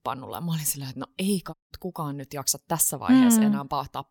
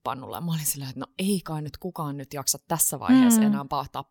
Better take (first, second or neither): second